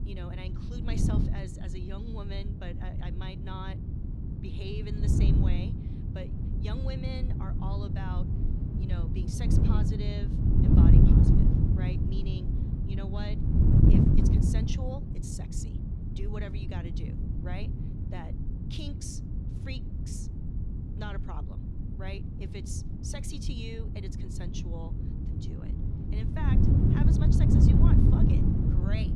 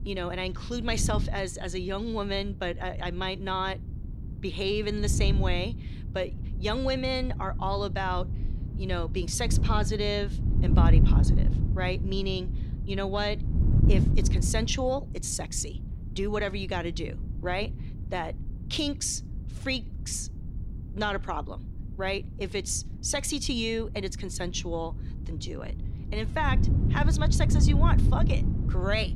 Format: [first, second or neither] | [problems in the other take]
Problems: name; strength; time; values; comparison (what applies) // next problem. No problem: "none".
second | wind noise on the microphone; heavy; 5 dB above the speech; occasional gusts in the second